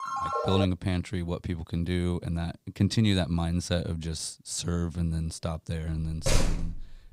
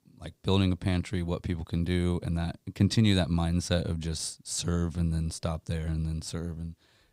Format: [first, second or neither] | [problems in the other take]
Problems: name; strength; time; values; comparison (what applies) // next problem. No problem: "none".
second | phone ringing; noticeable; at the start; peak level with the speech // door banging; loud; at 6.5 s; peak 2 dB above the speech